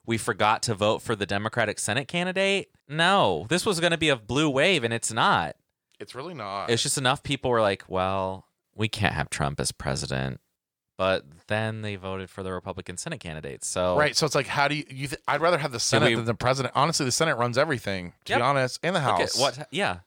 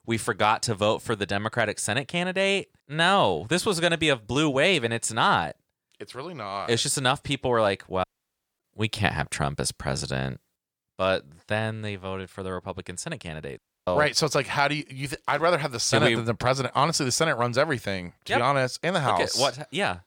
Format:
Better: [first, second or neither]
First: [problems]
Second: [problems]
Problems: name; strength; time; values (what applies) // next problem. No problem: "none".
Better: first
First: none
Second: audio cutting out; at 8 s for 0.5 s and at 14 s